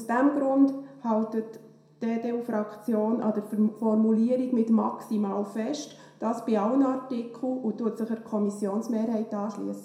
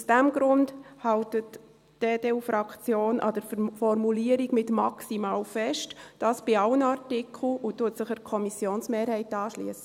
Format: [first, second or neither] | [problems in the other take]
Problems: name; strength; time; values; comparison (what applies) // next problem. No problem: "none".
second | room echo; dies away in 0.5 s